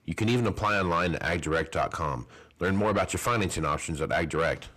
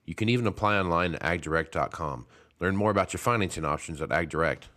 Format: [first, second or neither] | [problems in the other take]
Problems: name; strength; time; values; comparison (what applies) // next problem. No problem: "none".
second | distortion; heavy; 6 dB below the speech